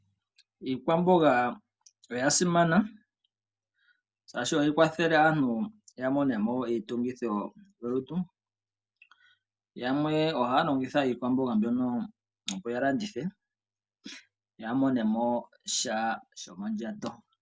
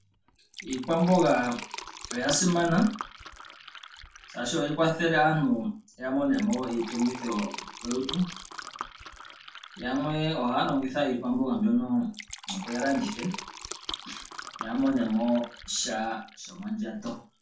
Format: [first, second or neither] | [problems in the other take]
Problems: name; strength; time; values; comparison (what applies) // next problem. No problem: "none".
first | background sound (Fill (with liquid)); 14 dB below the speech // room echo; dies away in 0.3 s